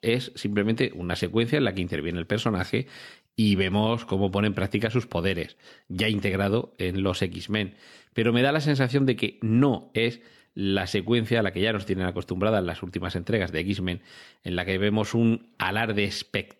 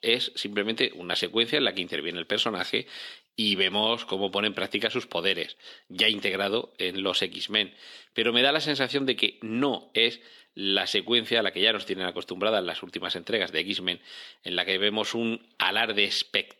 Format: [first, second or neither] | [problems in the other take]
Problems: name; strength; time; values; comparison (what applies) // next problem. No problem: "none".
first | thin; somewhat; fading below 350 Hz